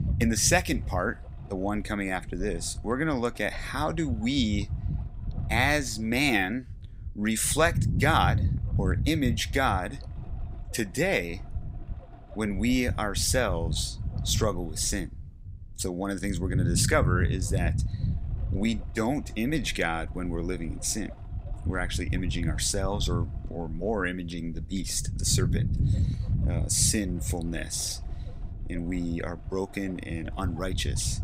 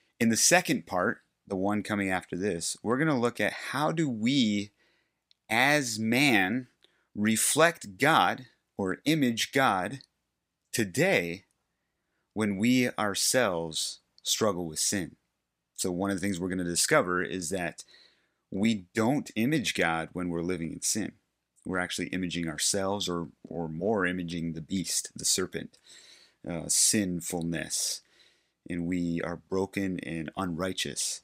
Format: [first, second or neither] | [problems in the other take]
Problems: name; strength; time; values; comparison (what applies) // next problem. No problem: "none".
second | low rumble; noticeable; throughout; 15 dB below the speech